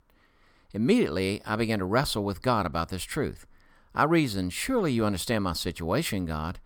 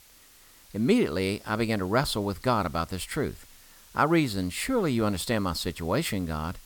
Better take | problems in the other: first | hiss; faint; throughout; 25 dB below the speech

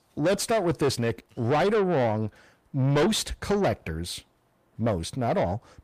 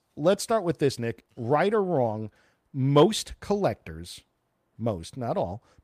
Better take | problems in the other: second | distortion; heavy; 6 dB below the speech

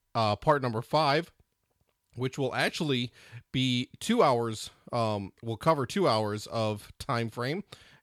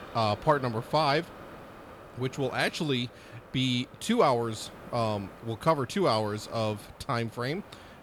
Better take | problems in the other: first | hiss; noticeable; throughout; 20 dB below the speech

